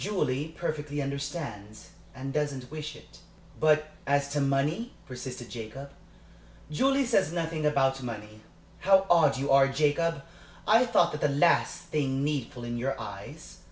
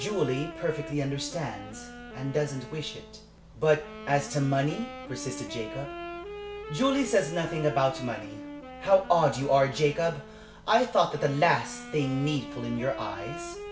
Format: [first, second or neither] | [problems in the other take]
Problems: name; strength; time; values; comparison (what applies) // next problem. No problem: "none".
first | background sound (Wind instrument, woodwind instrument); 12 dB below the speech